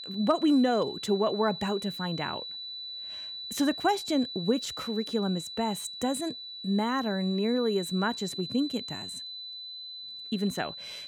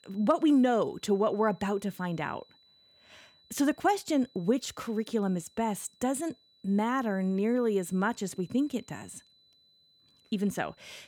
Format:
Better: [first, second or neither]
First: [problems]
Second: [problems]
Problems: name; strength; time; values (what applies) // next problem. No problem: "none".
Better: second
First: high-pitched whine; loud; throughout; 4 kHz, 8 dB below the speech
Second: high-pitched whine; faint; throughout; 4 kHz, 30 dB below the speech